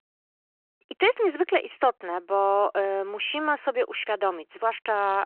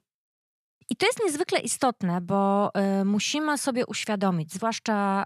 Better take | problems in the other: second | phone-call audio

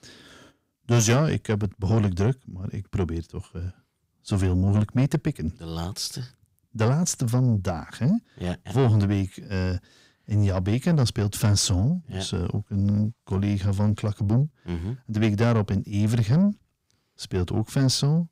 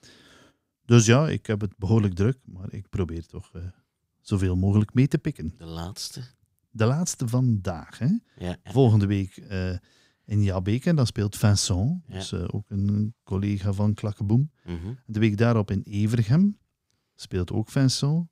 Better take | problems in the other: second | distortion; slight; 10 dB below the speech

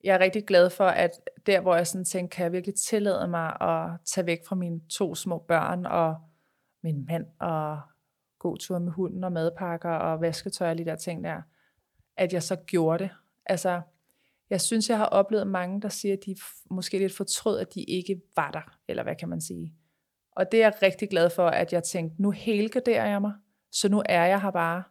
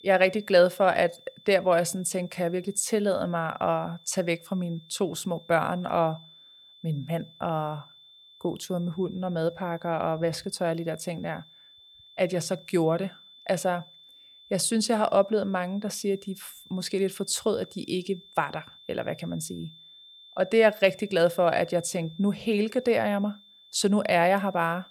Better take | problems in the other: first | high-pitched whine; faint; throughout; 3.5 kHz, 25 dB below the speech

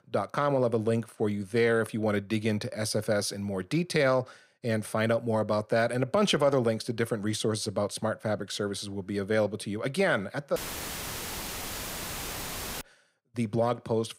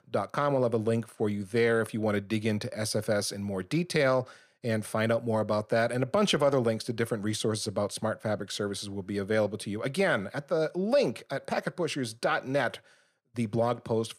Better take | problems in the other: second | audio cutting out; filled with static; at 11 s for 2.5 s

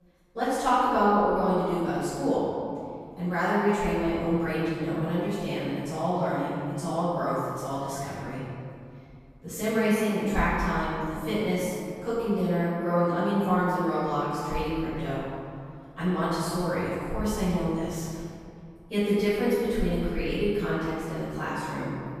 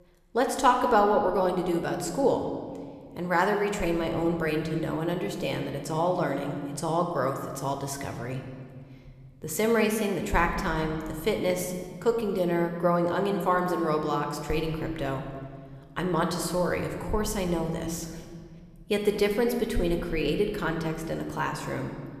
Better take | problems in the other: second | room echo; strong; dies away in 2.2 s; slight in the second // off-mic speech; far

